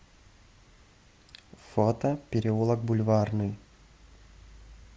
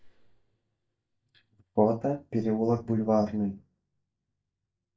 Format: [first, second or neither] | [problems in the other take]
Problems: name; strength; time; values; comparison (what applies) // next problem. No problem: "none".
first | noise reduction (neural mask model DeepFilterNet 3)